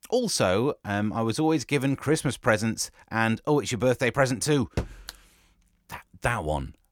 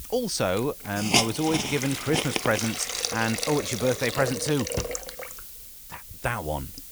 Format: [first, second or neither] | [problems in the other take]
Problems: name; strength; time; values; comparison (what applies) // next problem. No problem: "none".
first | hiss; loud; throughout; 2 dB below the speech